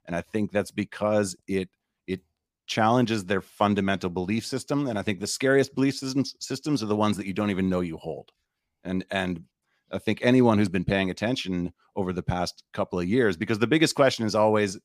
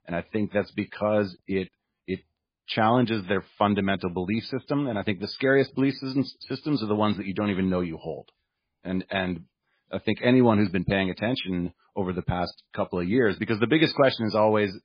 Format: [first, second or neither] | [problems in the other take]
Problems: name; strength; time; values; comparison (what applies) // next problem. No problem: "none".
first | garbled, watery; badly; nothing above 5 kHz